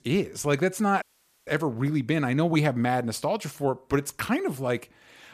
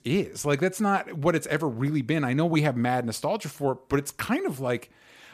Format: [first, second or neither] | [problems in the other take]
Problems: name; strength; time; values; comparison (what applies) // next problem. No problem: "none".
second | audio cutting out; at 1 s